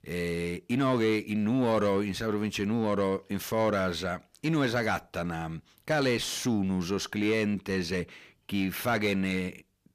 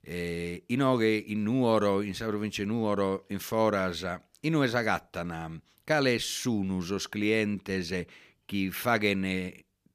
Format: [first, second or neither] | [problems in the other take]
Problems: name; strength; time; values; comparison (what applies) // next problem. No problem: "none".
second | distortion; slight; 10 dB below the speech